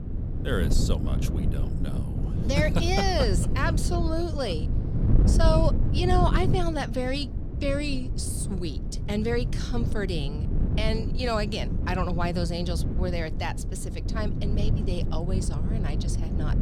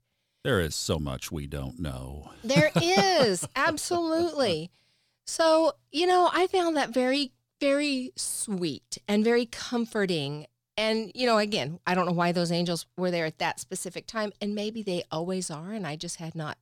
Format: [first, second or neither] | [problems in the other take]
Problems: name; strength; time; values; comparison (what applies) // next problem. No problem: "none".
second | wind noise on the microphone; heavy; 9 dB below the speech